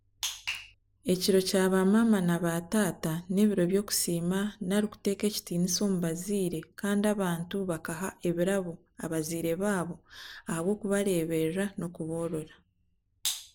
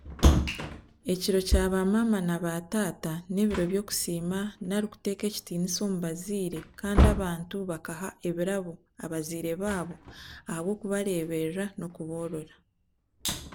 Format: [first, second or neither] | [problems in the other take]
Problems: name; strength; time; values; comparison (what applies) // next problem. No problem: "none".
first | background sound (Wood); 2 dB below the speech